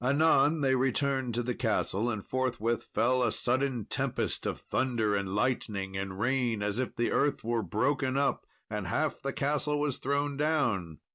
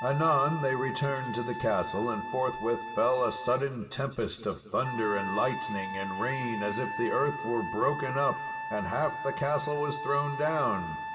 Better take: first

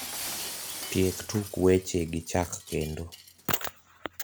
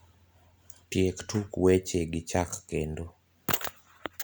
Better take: second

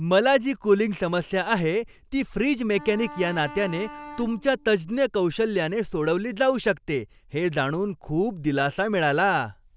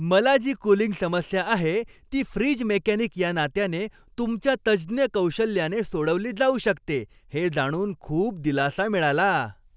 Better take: second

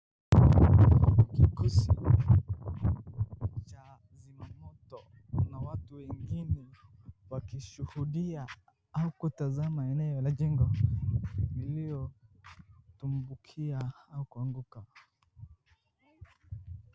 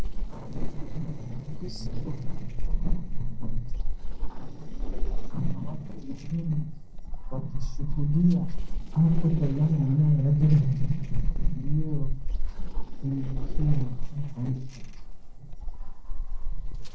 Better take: first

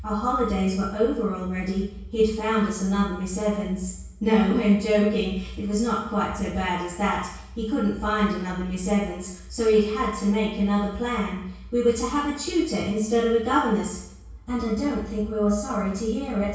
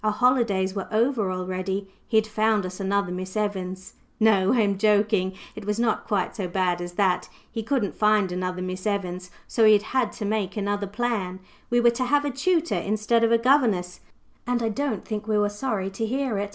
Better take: second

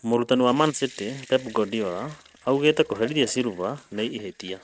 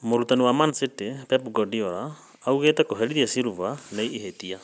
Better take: second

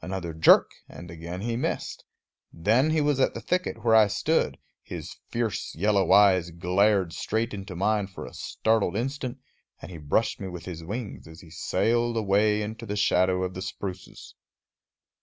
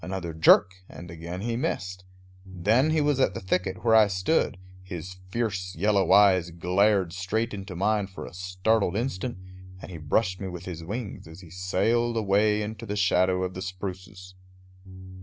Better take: first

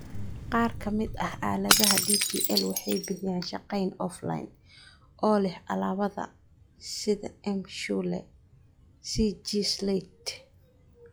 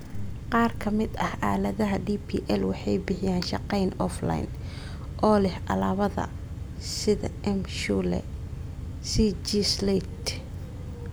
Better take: second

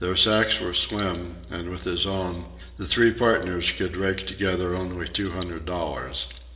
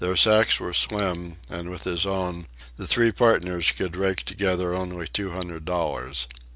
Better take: second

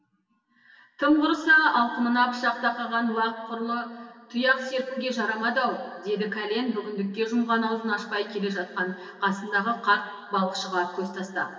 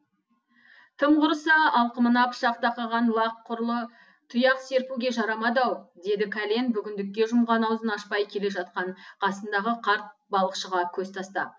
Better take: second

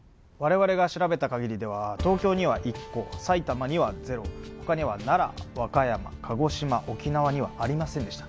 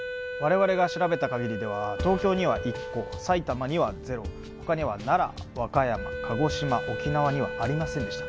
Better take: first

